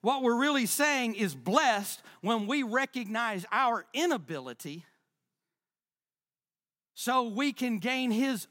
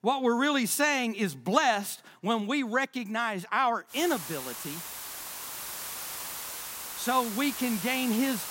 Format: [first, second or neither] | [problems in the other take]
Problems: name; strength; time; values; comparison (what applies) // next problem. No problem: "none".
first | hiss; loud; from 4 s on; 8 dB below the speech